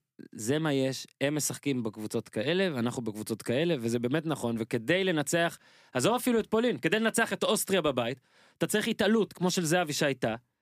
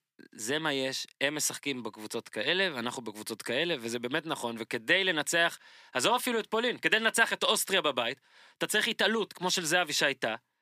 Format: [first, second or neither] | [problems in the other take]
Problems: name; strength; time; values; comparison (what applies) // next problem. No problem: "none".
first | thin; somewhat; fading below 1 kHz